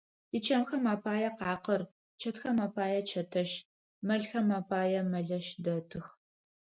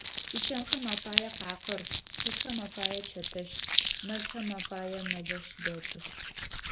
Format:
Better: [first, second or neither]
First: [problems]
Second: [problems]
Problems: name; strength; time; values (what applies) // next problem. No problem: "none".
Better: first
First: none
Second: background sound (Crumpling, crinkling); 4 dB above the speech